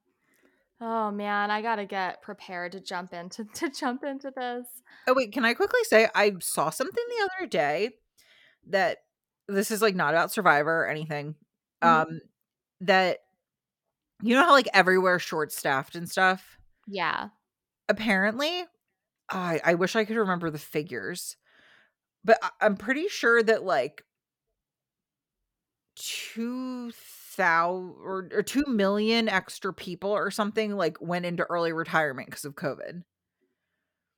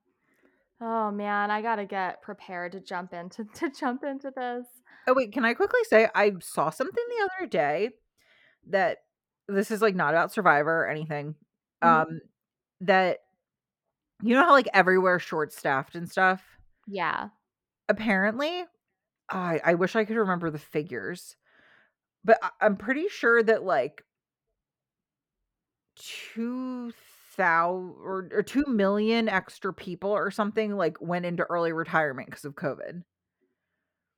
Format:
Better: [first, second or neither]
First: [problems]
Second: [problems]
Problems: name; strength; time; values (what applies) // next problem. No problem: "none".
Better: first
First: none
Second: muffled; slightly; fading above 3 kHz